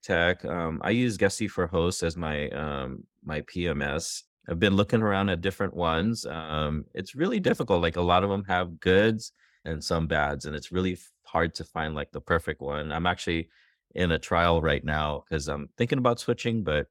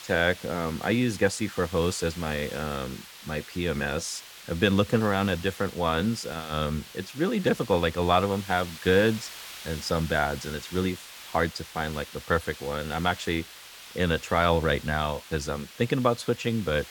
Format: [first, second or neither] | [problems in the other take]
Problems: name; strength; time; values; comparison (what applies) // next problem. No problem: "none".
first | hiss; noticeable; throughout; 15 dB below the speech